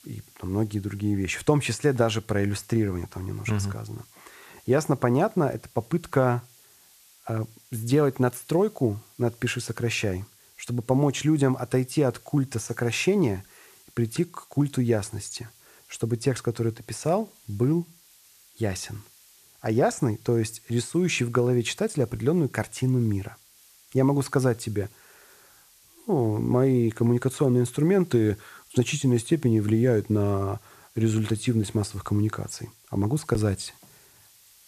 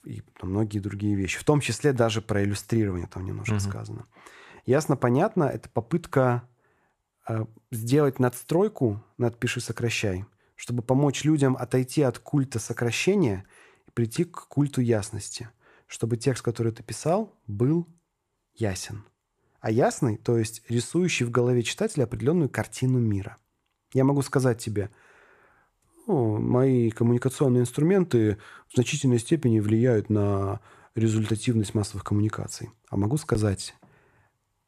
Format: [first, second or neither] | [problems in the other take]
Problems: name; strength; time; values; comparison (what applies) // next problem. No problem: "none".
second | hiss; faint; throughout; 25 dB below the speech